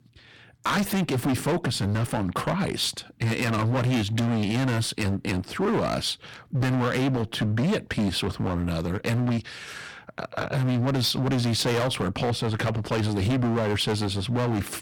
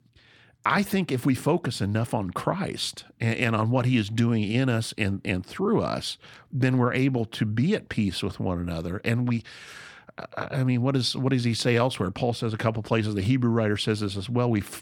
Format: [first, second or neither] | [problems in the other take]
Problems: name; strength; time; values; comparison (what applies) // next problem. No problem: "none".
second | distortion; heavy; 21% of the sound clipped